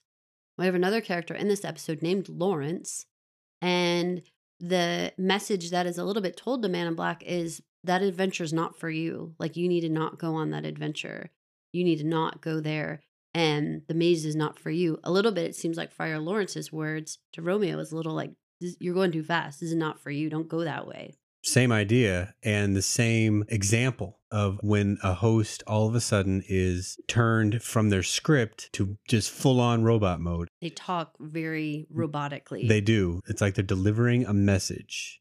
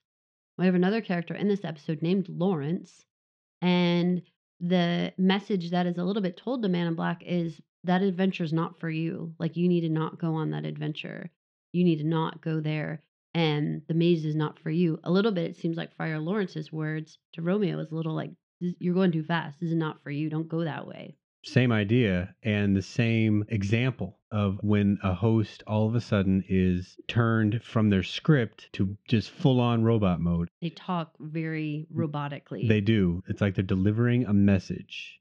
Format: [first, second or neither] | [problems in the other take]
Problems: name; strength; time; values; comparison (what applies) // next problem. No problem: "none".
first | muffled; slightly; fading above 4 kHz